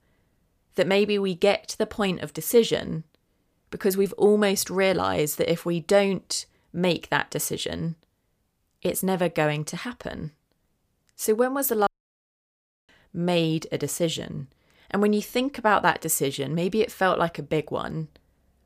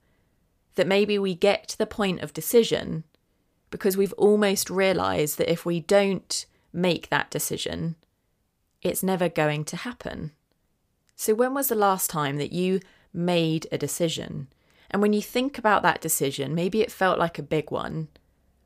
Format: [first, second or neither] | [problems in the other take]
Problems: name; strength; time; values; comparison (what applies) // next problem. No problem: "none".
second | audio cutting out; at 12 s for 1 s